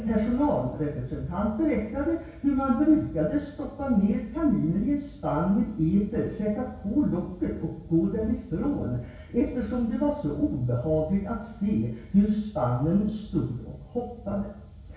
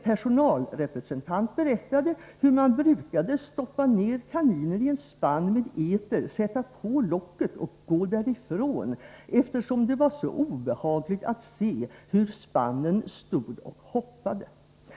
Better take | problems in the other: second | room echo; dies away in 0.6 s

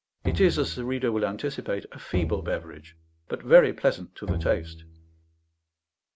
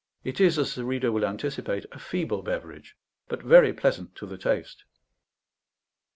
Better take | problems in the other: second | background sound (Bowed string instrument); 8 dB below the speech

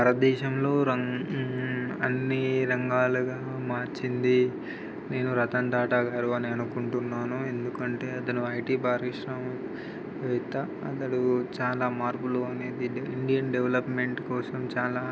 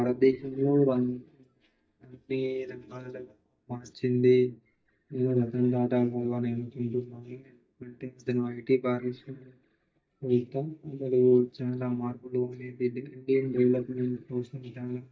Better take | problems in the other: first | noise reduction (neural mask model DeepFilterNet 3)

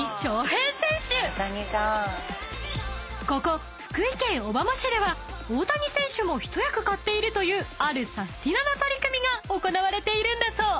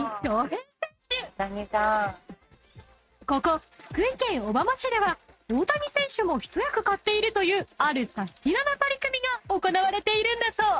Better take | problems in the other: first | noise reduction (neural mask model RNNoise)

